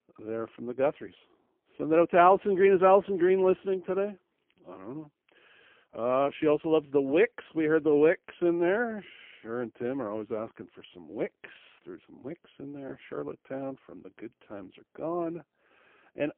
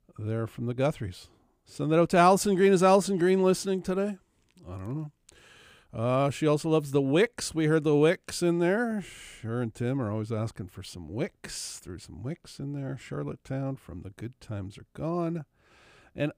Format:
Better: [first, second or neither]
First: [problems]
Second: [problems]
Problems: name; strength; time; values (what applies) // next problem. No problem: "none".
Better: second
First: phone-call audio; poor line; nothing above 3 kHz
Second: none